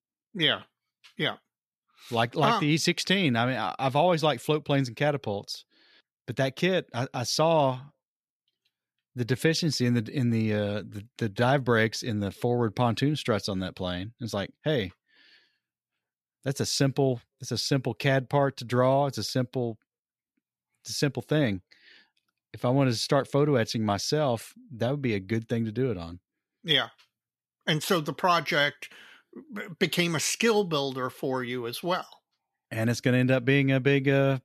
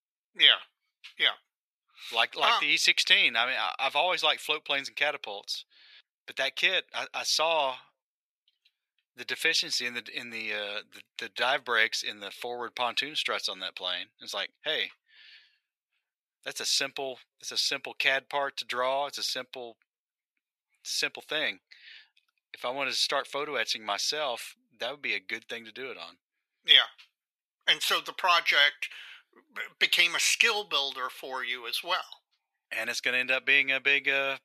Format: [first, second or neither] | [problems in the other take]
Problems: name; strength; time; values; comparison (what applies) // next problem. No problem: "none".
first | thin; very; fading below 800 Hz